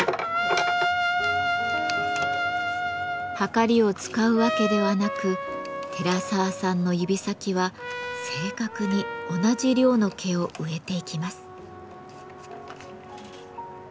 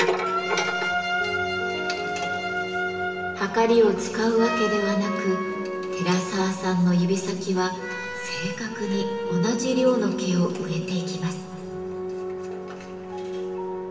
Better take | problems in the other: first | background sound (Organ); 10 dB below the speech // room echo; dies away in 2.4 s

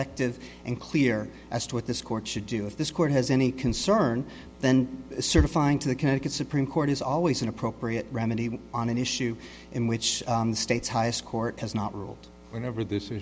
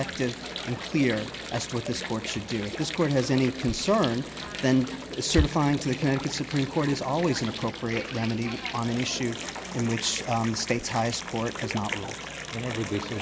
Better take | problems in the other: first | background sound (Water); 9 dB below the speech

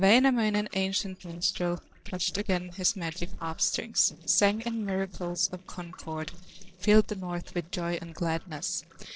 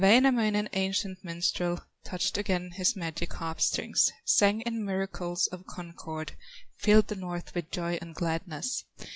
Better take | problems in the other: second | noise reduction (neural separator model SepFormer DNS4)

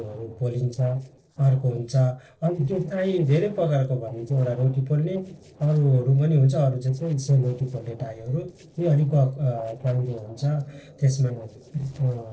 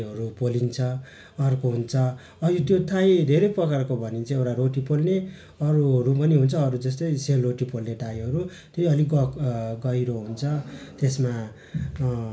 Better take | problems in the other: second | noise reduction (neural separator model SepFormer DNS4)

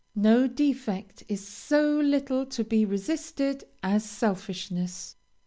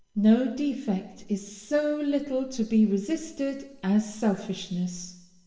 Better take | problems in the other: first | room echo; dies away in 1.1 s

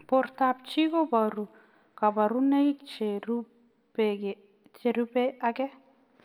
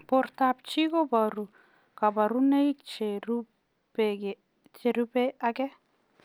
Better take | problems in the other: second | room echo; dies away in 1.1 s

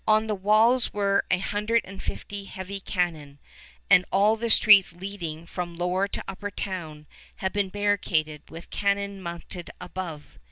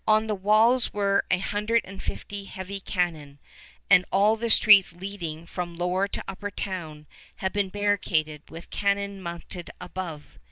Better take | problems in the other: first | noise reduction (neural mask model Resemble Enhance denoiser)

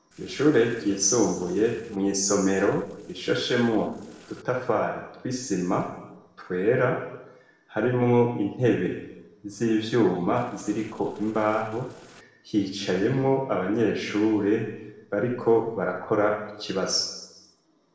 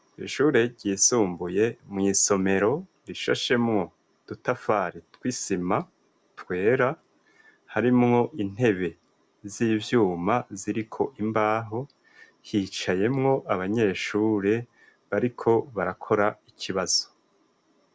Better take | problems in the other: second | noise reduction (neural separator model SepFormer DNS4)

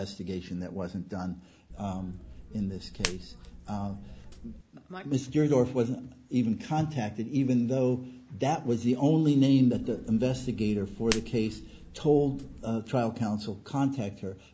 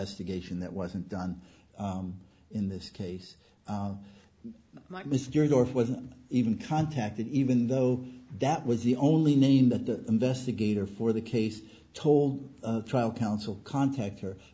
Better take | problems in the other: second | background sound (Hands); 12 dB below the speech

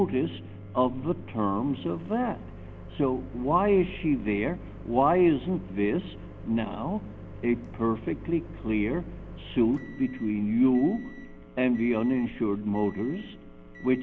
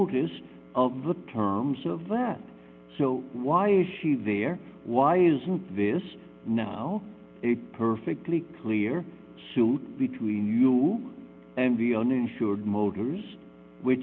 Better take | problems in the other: second | background sound (Microwave oven); 15 dB below the speech

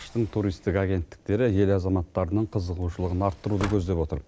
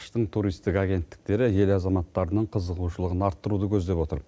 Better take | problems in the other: second | background sound (Sliding door); 18 dB below the speech

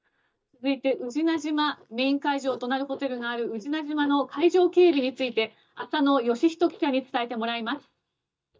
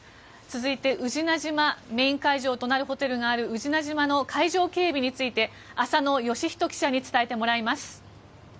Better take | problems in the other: second | noise reduction (neural mask model DeepFilterNet 3)

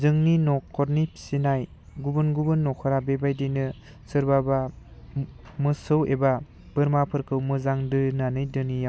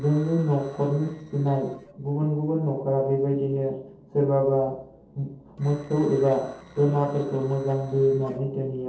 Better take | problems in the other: first | noise reduction (neural separator model SepFormer DNS4)

